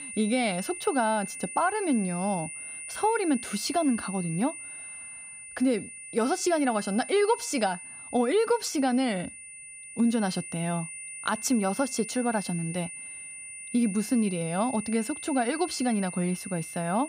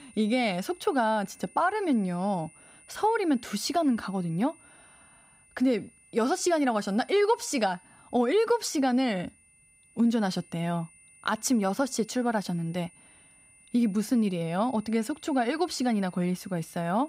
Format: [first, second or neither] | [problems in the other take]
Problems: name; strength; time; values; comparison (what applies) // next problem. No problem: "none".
second | high-pitched whine; loud; throughout; 9.5 kHz, 10 dB below the speech; faint in the second